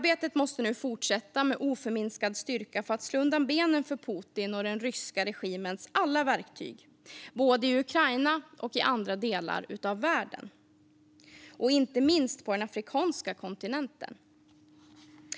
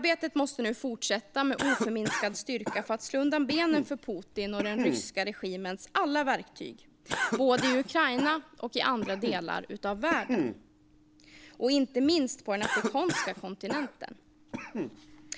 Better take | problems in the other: first | background sound (Cough); 6 dB below the speech

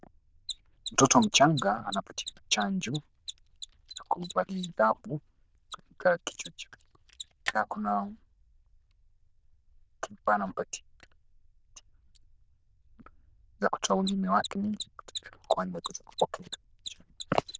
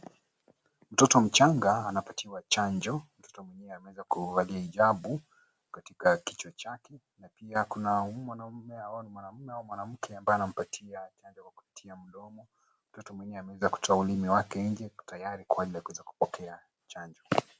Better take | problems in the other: second | noise reduction (neural diffusion model UNIVERSE++)

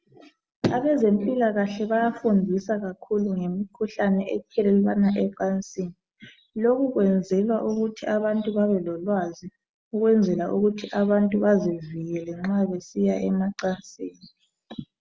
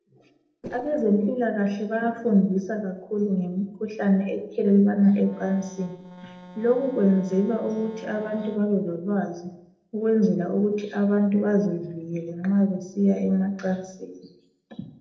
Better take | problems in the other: first | noise reduction (neural separator model SepFormer DNS4)

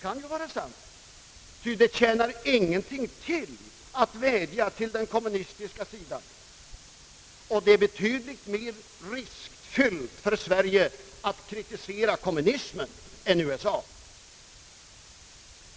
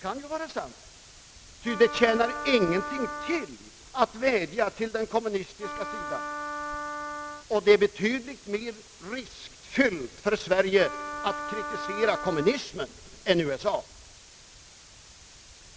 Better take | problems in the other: first | background sound (Wind instrument, woodwind instrument); 7 dB below the speech

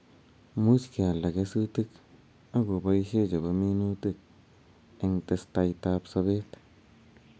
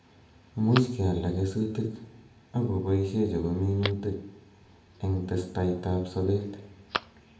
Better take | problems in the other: first | background sound (Telephone); 14 dB below the speech // room echo; dies away in 0.6 s

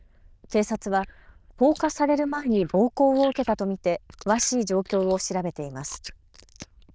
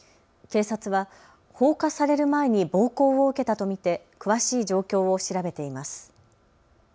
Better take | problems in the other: second | noise reduction (neural diffusion model UNIVERSE++)

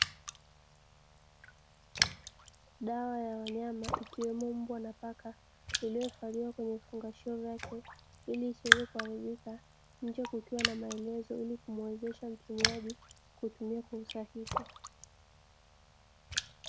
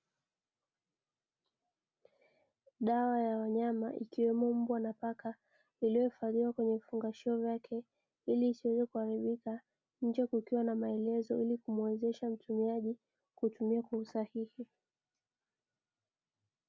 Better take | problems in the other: second | background sound (Raindrop); 1 dB above the speech

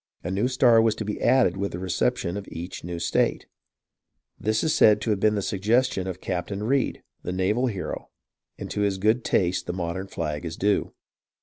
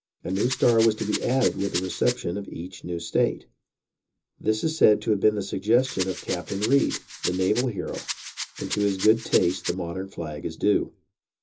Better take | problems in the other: first | background sound (Rattle); 10 dB below the speech // room echo; dies away in 0.2 s

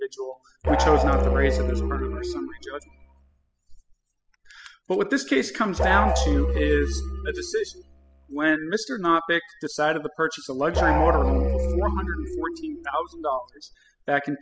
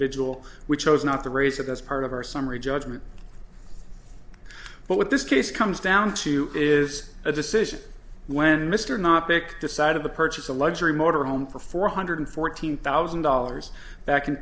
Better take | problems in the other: second | noise reduction (classical method spectral subtraction)

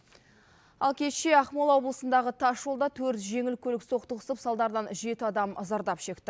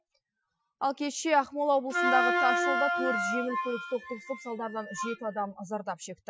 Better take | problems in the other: first | noise reduction (classical method Wiener filter)

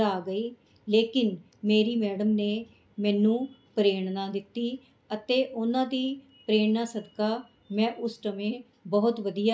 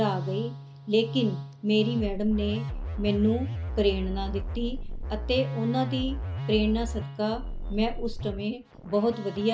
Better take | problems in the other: first | background sound (Musical instrument); 5 dB below the speech

